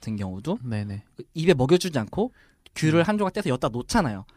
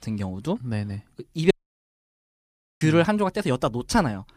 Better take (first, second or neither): first